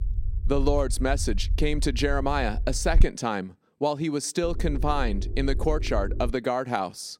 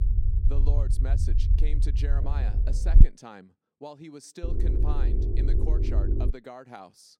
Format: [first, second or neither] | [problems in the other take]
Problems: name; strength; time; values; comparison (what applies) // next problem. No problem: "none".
first | low rumble; loud; until 3 s and from 4.5 to 6.5 s; as loud as the speech; faint in the first